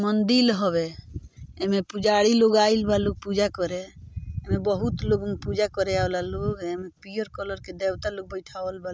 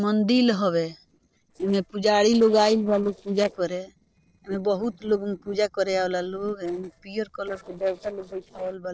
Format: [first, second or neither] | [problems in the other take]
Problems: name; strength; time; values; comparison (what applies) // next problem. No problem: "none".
first | noise reduction (neural separator model SepFormer DNS4)